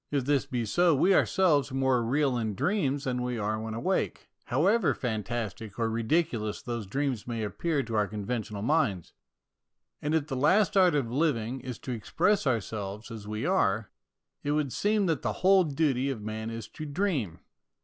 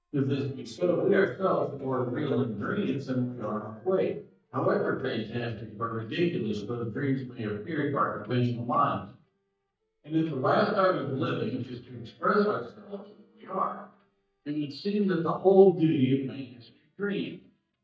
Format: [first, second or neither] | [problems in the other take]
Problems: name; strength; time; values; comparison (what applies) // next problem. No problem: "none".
first | noise reduction (neural mask model DeepFilterNet 3)